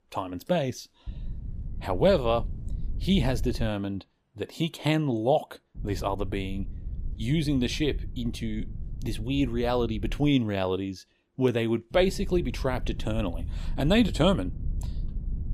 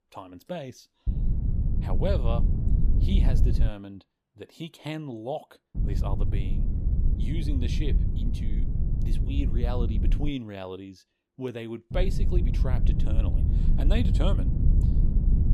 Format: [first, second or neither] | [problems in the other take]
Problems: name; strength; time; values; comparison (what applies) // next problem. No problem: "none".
first | low rumble; loud; from 1 to 3.5 s, from 6 to 10 s and from 12 s on; 5 dB below the speech; faint in the first